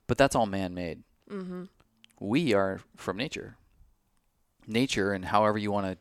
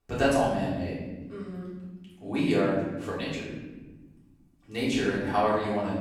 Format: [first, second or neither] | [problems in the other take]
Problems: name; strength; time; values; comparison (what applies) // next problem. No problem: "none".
first | off-mic speech; far // room echo; noticeable; dies away in 1.4 s